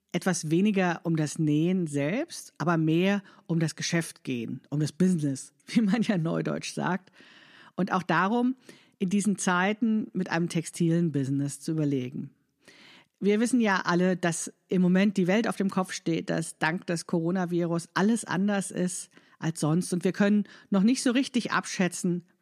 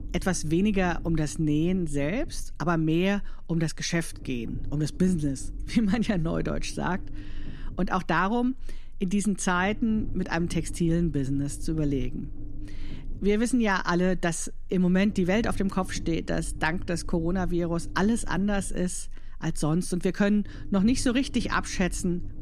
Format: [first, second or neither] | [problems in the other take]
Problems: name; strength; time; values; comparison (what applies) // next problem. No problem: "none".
first | low rumble; faint; throughout; 20 dB below the speech